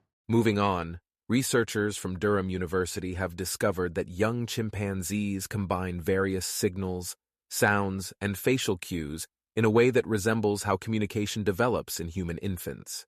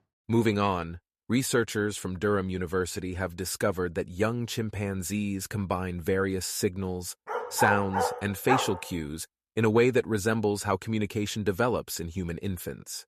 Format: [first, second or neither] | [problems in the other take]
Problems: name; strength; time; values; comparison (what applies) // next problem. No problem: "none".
first | dog barking; loud; from 7.5 to 9 s; peak 1 dB above the speech